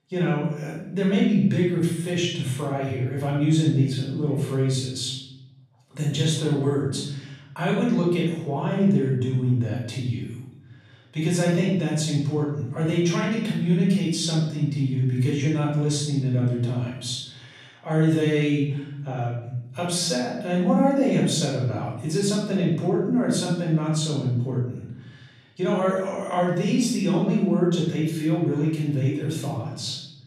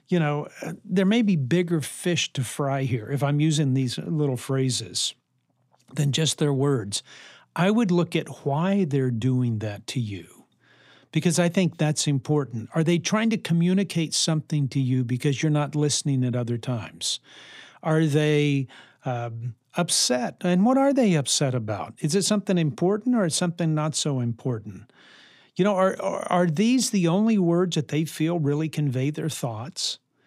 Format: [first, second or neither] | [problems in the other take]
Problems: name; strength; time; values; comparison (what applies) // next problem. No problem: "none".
second | off-mic speech; far // room echo; noticeable; dies away in 0.9 s